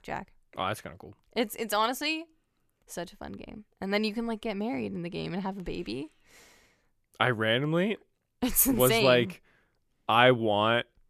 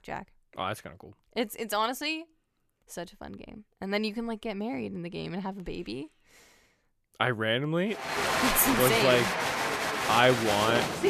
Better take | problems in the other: first | crowd noise; very loud; from 8 s on; 1 dB above the speech

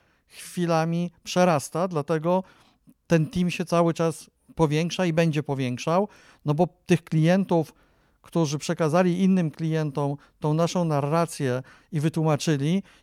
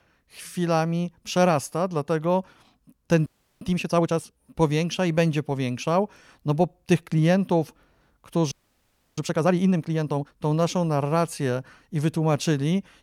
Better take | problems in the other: first | audio freezing; at 3.5 s and at 8.5 s for 0.5 s

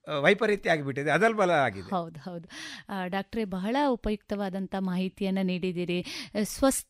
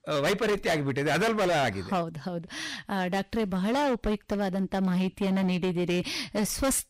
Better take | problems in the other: first | distortion; heavy; 19% of the sound clipped

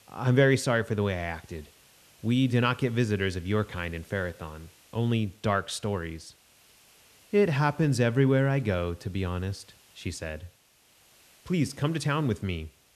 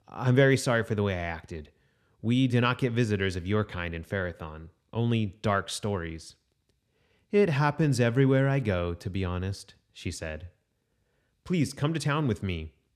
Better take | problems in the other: second | hiss; faint; throughout; 30 dB below the speech

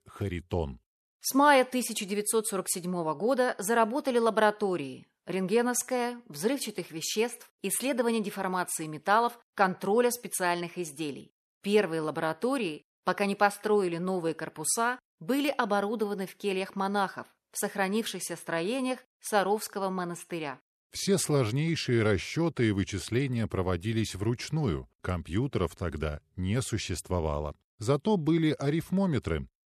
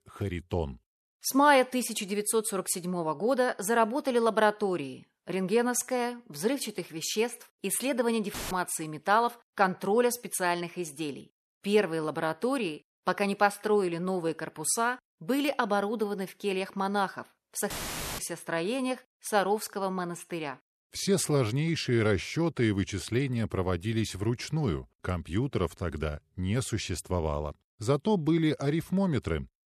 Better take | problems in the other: first | audio cutting out; filled with static; at 8.5 s and at 18 s

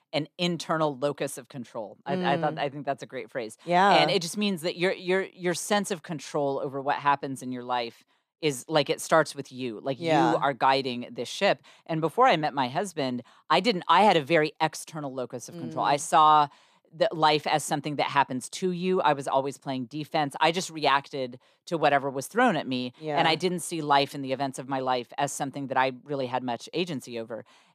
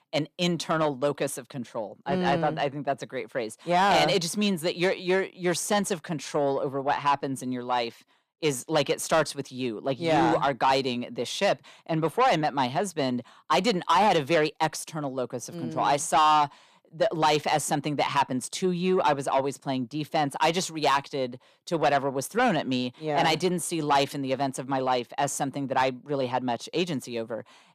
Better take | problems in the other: first | distortion; slight; 10 dB below the speech

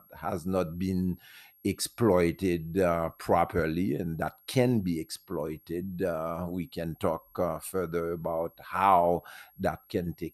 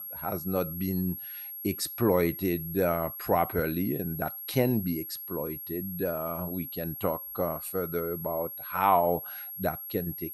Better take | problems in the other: first | high-pitched whine; loud; throughout; 11.5 kHz, 7 dB below the speech; faint in the first

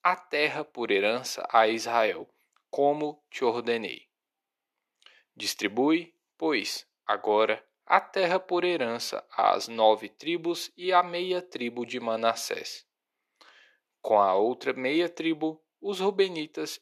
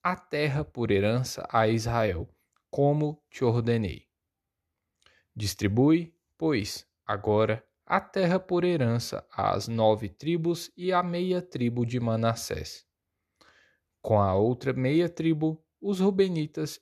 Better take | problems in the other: second | thin; somewhat; fading below 300 Hz

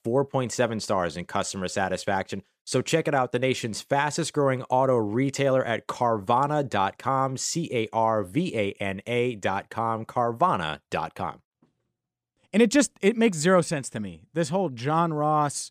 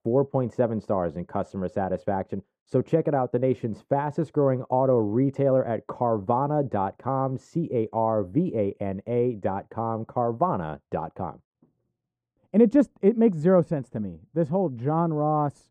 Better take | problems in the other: first | muffled; very; fading above 1.5 kHz

